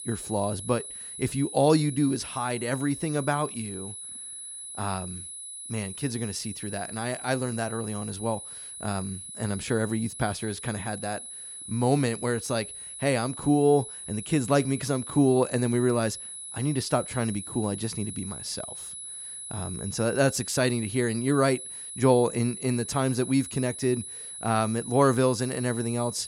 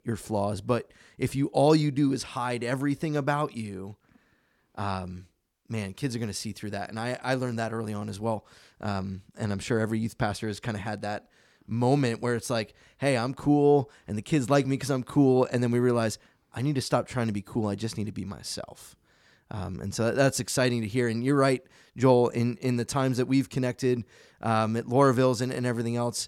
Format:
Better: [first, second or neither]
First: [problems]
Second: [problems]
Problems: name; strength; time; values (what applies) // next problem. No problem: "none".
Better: second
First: high-pitched whine; loud; throughout; 10 kHz, 9 dB below the speech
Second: none